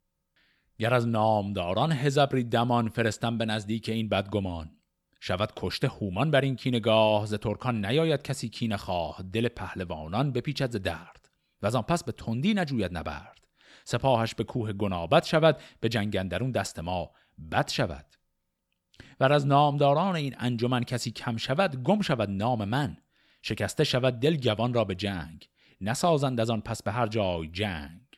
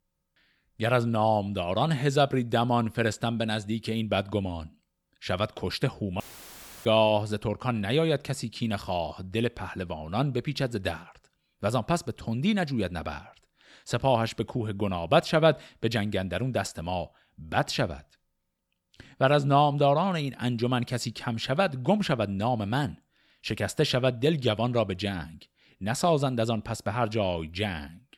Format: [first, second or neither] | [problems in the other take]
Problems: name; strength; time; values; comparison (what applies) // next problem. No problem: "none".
first | audio cutting out; filled with static; at 6 s for 0.5 s